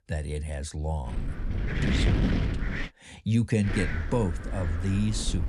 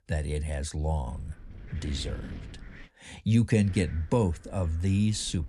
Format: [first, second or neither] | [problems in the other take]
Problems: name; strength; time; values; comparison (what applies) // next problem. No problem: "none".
second | wind noise on the microphone; heavy; from 1 to 3 s and from 3.5 s on; 1 dB below the speech; occasional gusts in the second